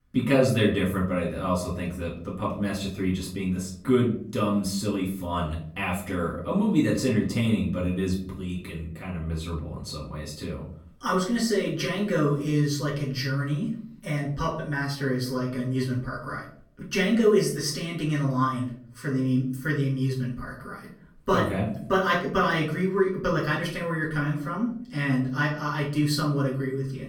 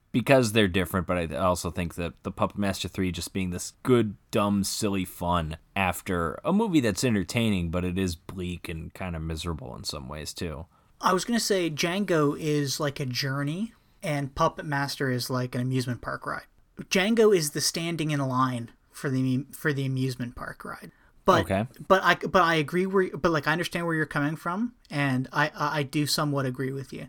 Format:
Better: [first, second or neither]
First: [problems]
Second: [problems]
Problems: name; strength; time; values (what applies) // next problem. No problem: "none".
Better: second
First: off-mic speech; far // room echo; slight; dies away in 0.6 s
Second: none